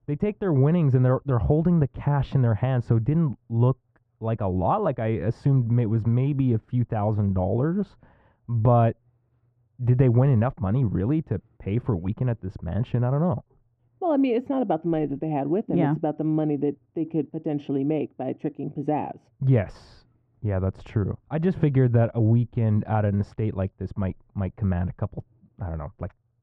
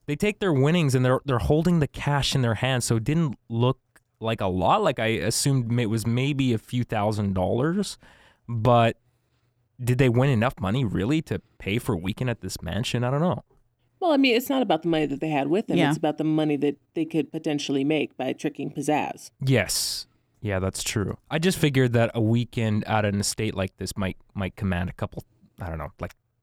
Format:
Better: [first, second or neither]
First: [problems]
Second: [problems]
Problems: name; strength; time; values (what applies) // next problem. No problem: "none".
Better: second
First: muffled; very; fading above 1 kHz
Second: none